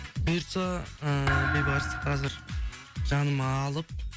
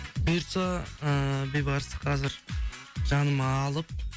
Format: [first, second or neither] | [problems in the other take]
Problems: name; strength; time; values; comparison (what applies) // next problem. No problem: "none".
second | background sound (Thump, thud); 4 dB below the speech